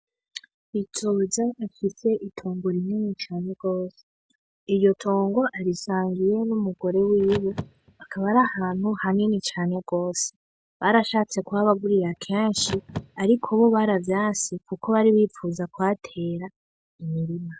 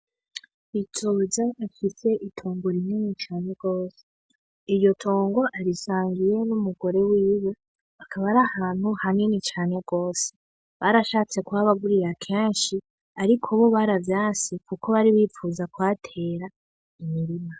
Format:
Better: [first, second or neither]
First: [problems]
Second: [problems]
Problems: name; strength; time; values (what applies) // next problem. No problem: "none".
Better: second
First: background sound (Car); 15 dB below the speech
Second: none